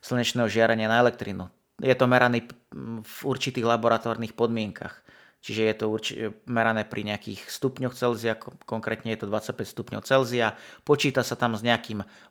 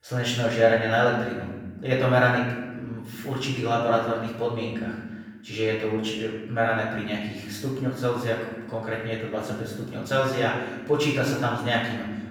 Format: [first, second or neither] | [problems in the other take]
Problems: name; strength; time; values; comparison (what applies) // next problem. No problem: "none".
first | off-mic speech; far // room echo; noticeable; dies away in 1.1 s